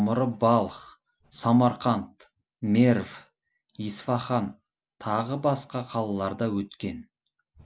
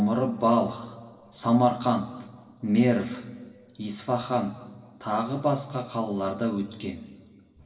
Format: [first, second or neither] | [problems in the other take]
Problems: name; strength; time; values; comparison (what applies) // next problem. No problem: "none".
first | room echo; dies away in 2 s